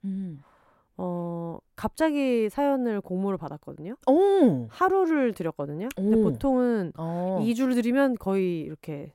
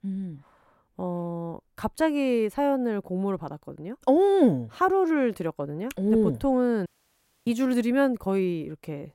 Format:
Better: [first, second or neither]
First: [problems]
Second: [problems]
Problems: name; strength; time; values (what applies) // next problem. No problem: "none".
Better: first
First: none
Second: audio cutting out; at 7 s for 0.5 s